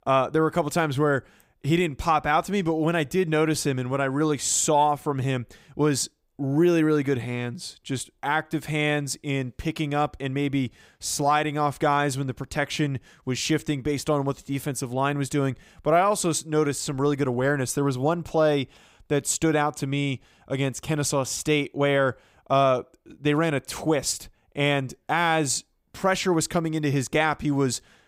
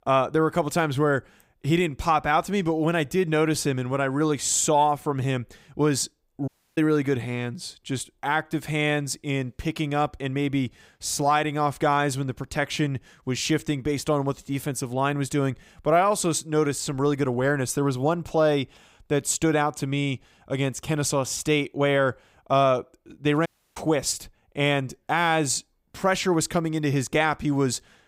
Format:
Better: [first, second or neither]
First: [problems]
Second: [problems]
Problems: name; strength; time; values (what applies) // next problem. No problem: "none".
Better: first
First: none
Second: audio cutting out; at 6.5 s and at 23 s